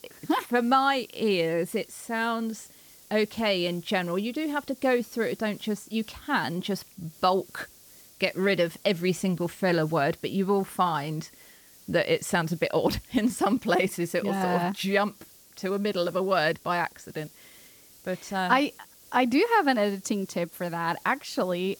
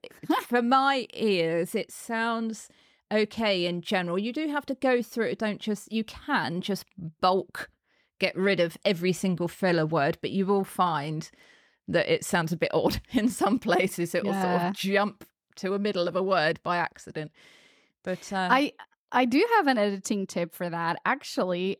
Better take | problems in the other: second | hiss; faint; throughout; 25 dB below the speech

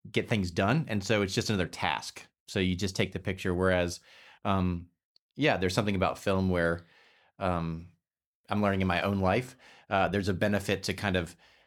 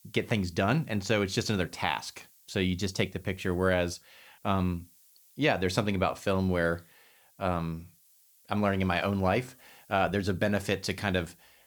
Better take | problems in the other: first | hiss; faint; throughout; 30 dB below the speech

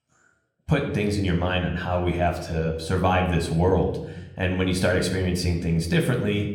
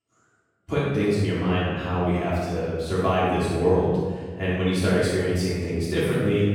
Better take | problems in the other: first | room echo; strong; dies away in 1.5 s; slight in the first // off-mic speech; far

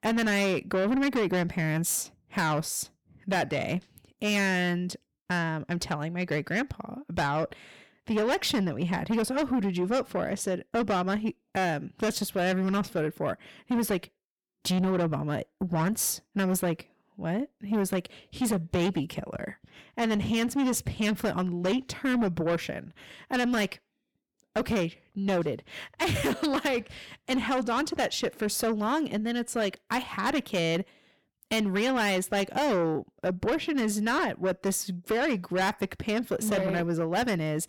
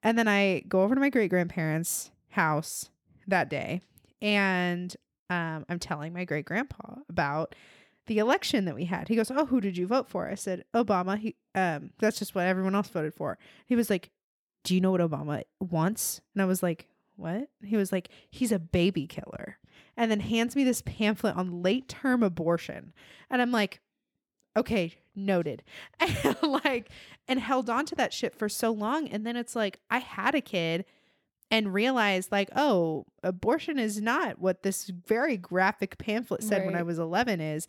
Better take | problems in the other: second | distortion; heavy; 7 dB below the speech

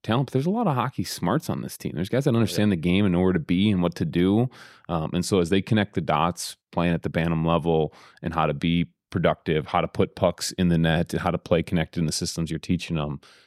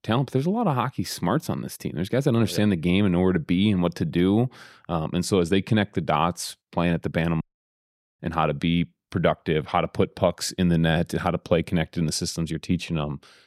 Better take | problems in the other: first | audio cutting out; at 7.5 s for 1 s

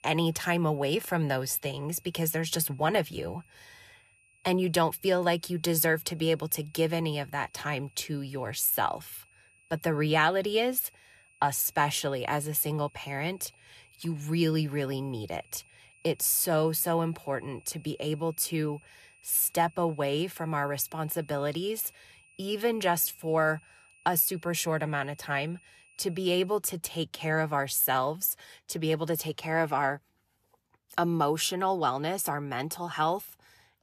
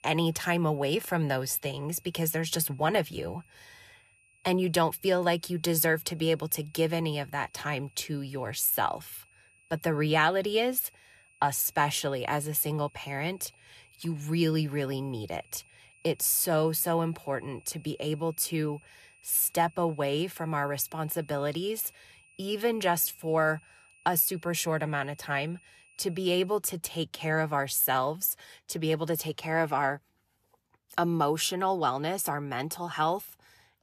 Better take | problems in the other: neither | high-pitched whine; faint; until 27 s; 2.5 kHz, 30 dB below the speech; the same in both

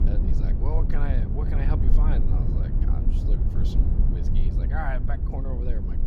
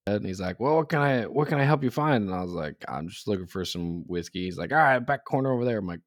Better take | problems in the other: second | low rumble; loud; throughout; 1 dB below the speech

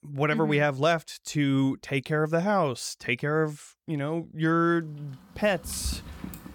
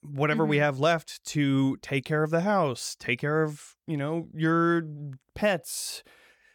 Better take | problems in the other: second | traffic noise; noticeable; from 5 s on; 15 dB below the speech

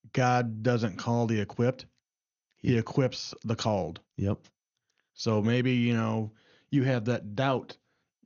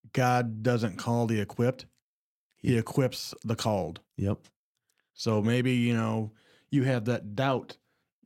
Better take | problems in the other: second | garbled, watery; slightly; nothing above 6.5 kHz

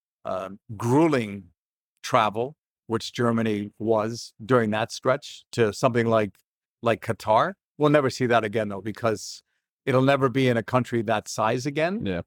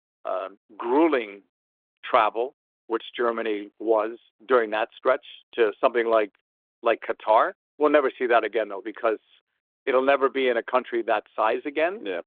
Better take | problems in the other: first | phone-call audio; nothing above 3.5 kHz

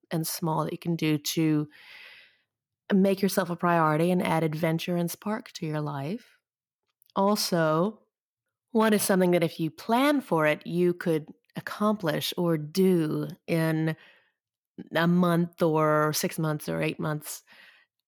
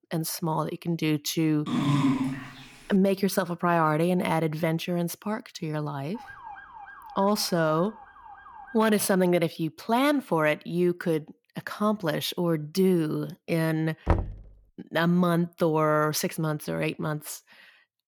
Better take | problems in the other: first | dog barking; loud; at 1.5 s; peak 2 dB above the speech // siren; faint; from 6 to 9 s; peak 15 dB below the speech // door banging; noticeable; at 14 s; peak 2 dB below the speech

